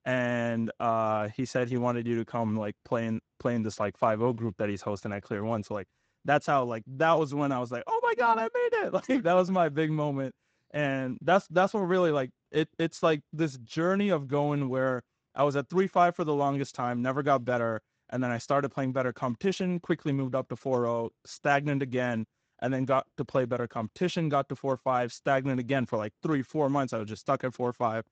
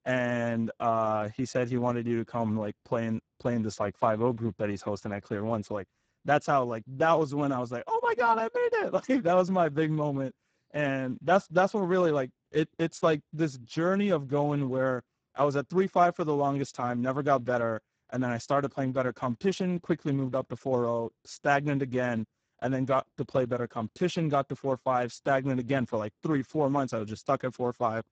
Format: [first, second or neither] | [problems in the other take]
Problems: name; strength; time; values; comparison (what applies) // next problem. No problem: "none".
first | garbled, watery; badly; nothing above 7.5 kHz; slightly in the first